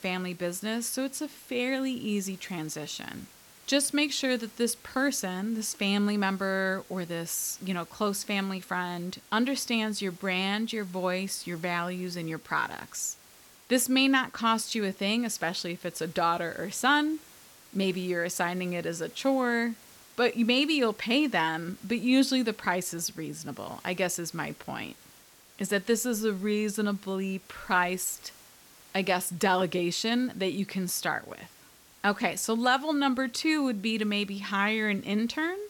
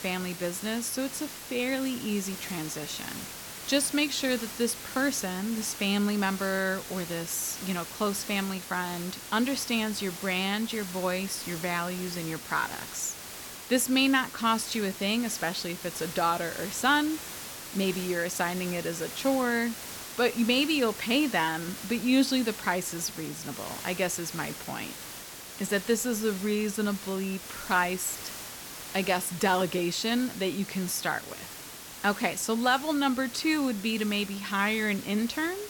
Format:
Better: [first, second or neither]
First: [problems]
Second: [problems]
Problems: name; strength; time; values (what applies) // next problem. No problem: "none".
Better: first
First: hiss; faint; throughout; 25 dB below the speech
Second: hiss; loud; throughout; 10 dB below the speech